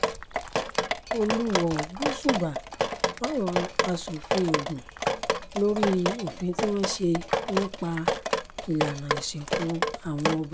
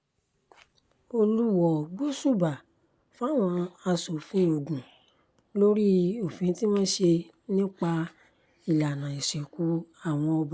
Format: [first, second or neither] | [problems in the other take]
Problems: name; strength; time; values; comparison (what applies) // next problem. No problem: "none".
second | background sound (Drip); as loud as the speech